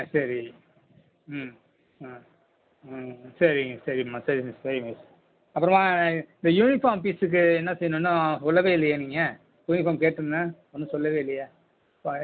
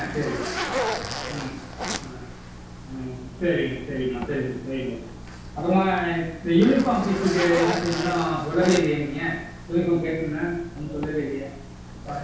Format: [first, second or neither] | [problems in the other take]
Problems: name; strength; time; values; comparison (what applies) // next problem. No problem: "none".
first | background sound (Zipper (clothing)); 8 dB below the speech // room echo; dies away in 0.6 s